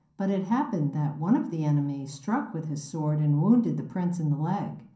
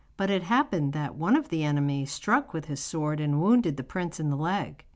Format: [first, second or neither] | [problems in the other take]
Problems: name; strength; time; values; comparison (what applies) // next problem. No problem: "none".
second | room echo; dies away in 0.6 s